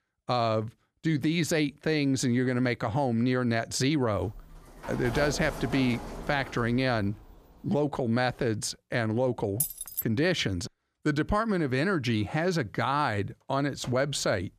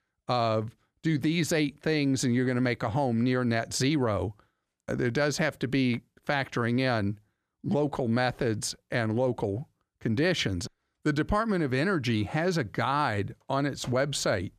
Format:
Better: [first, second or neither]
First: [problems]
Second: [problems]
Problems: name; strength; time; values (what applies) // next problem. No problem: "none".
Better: second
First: door banging; noticeable; from 4 to 7.5 s; peak 7 dB below the speech // jangling keys; noticeable; at 9.5 s; peak 2 dB below the speech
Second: none